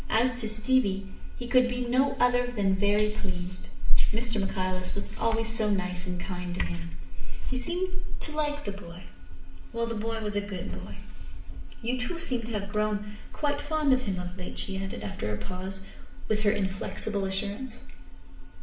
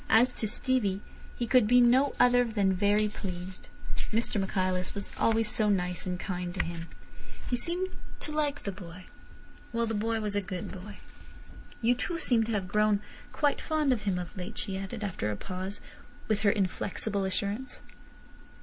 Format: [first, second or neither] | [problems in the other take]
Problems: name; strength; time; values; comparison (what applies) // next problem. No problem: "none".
second | room echo; dies away in 0.6 s